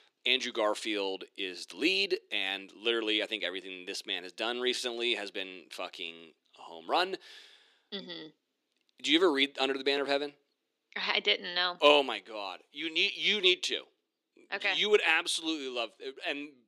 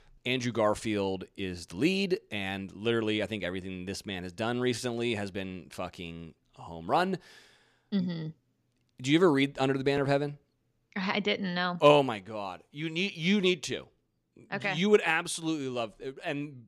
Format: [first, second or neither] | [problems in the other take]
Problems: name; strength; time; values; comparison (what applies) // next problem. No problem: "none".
second | thin; somewhat; fading below 300 Hz